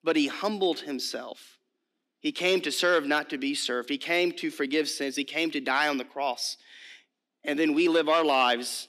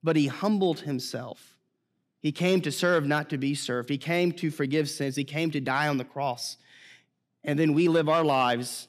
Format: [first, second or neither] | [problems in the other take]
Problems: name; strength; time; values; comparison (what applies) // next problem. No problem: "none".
second | thin; very slightly; fading below 250 Hz